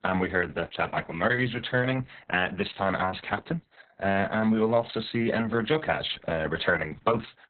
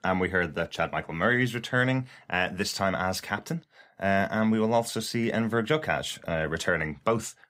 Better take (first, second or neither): second